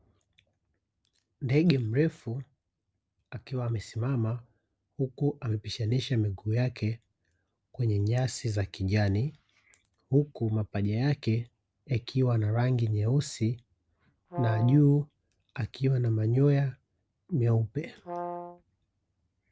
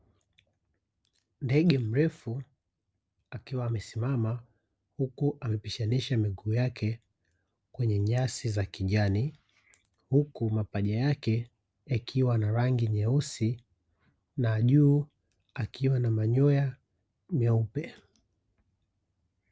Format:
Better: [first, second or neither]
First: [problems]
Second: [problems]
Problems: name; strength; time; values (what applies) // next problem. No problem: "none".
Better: second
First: background sound (Brass instrument); 11 dB below the speech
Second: none